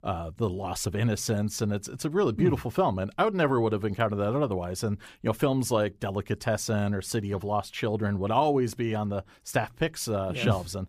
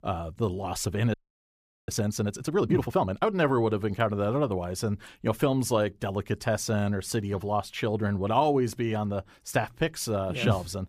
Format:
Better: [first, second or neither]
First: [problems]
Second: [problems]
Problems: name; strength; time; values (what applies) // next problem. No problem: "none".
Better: first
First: none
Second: audio freezing; at 1 s for 0.5 s